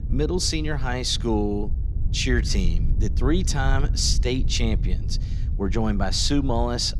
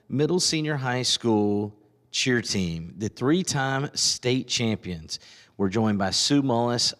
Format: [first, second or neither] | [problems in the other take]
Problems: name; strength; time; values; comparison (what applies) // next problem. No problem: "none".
second | wind noise on the microphone; occasional gusts; 20 dB below the speech